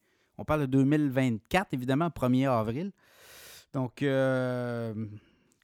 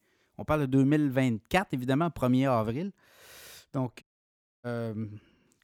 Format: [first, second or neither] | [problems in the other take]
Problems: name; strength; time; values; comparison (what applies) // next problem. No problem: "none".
first | audio cutting out; at 4 s for 0.5 s